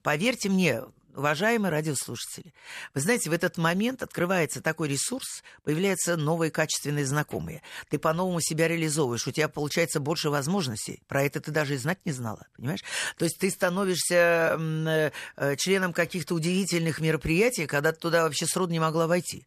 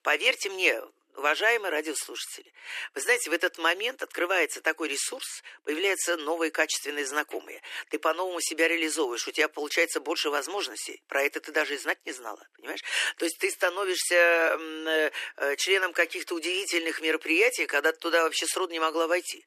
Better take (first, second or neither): first